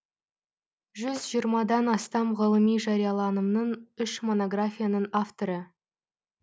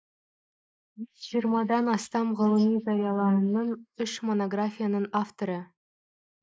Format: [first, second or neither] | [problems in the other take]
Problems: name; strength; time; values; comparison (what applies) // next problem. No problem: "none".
first | noise reduction (neural mask model Resemble Enhance denoiser)